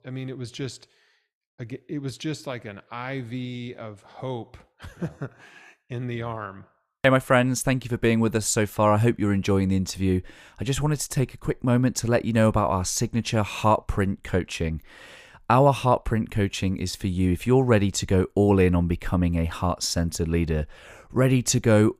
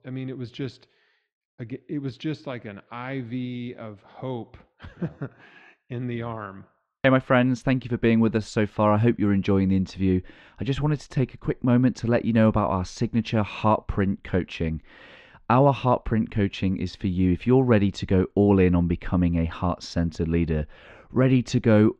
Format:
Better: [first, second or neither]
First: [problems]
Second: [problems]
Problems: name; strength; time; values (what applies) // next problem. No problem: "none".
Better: first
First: none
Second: muffled; slightly; fading above 4 kHz